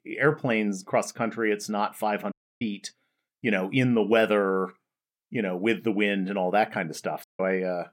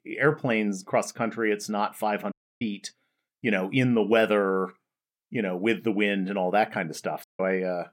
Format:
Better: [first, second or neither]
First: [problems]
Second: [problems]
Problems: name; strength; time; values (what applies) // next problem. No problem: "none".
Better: neither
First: audio cutting out; at 2.5 s and at 7 s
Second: audio cutting out; at 2.5 s and at 7 s